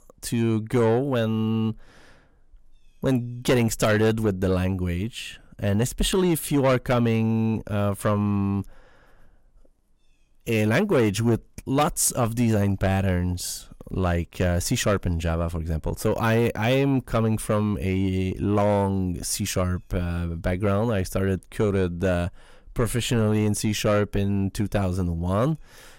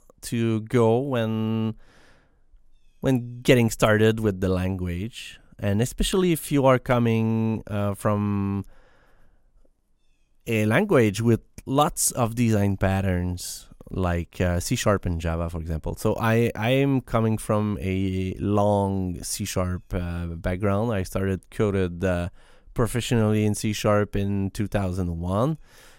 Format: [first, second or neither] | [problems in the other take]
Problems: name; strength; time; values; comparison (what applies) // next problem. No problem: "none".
second | distortion; slight; 10 dB below the speech